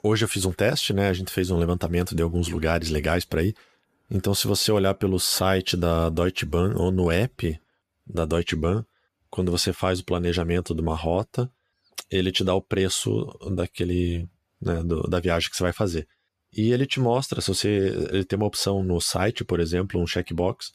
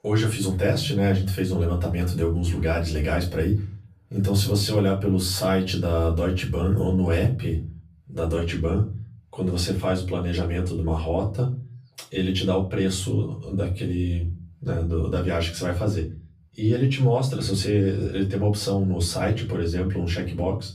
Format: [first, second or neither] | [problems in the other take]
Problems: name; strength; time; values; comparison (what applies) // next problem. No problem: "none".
first | off-mic speech; far // room echo; slight; dies away in 0.5 s